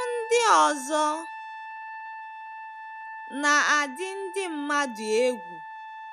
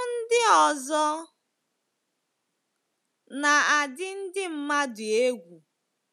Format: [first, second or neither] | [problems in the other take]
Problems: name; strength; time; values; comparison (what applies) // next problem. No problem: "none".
second | background sound (Trumpet); 12 dB below the speech